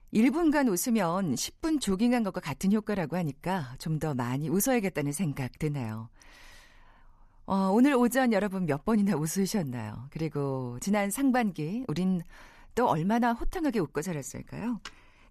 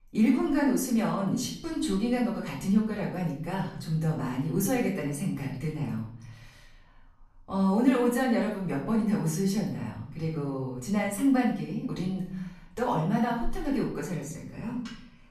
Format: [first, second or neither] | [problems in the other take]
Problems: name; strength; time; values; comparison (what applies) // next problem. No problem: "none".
first | off-mic speech; far // room echo; noticeable; dies away in 0.6 s